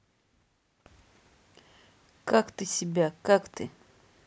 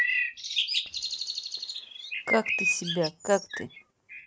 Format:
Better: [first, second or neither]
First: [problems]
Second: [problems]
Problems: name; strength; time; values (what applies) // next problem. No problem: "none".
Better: first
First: none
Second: noise reduction (neural mask model RNNoise)